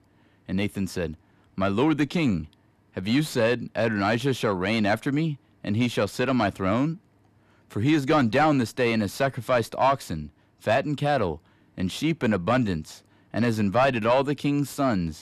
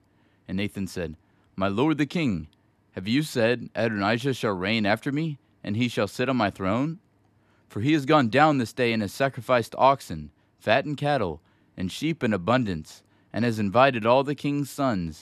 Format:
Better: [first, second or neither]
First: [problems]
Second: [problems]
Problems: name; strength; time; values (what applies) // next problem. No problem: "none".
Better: second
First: distortion; slight; 10 dB below the speech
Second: none